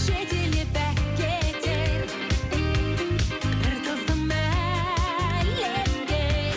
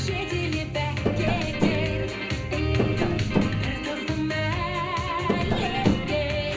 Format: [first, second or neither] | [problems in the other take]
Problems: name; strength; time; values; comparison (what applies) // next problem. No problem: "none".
first | background sound (Tap); 1 dB below the speech // room echo; dies away in 0.5 s